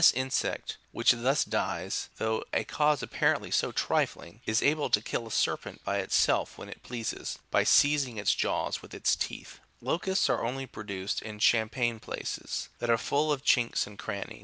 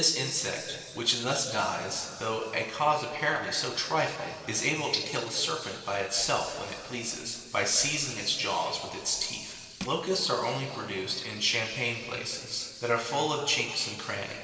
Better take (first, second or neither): first